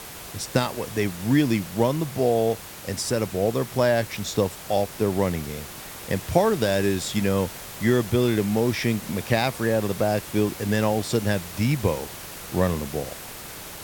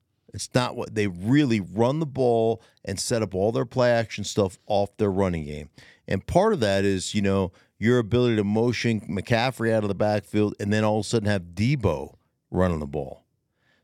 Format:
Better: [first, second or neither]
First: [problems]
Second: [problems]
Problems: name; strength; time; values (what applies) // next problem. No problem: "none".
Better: second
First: hiss; noticeable; throughout; 10 dB below the speech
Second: none